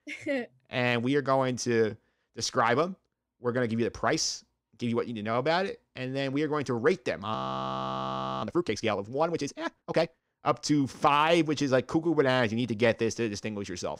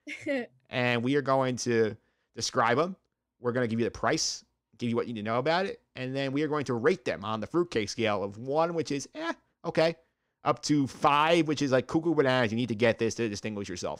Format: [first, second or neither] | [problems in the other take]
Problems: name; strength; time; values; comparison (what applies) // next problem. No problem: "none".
second | audio freezing; at 7.5 s for 1 s